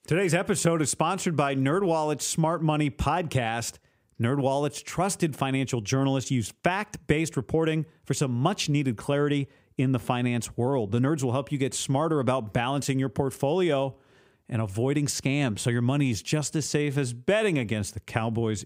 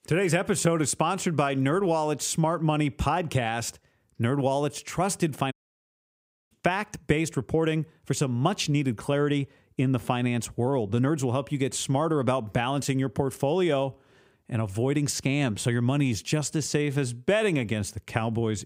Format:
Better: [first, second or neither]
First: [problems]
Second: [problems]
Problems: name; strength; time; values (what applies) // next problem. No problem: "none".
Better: first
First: none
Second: audio cutting out; at 5.5 s for 1 s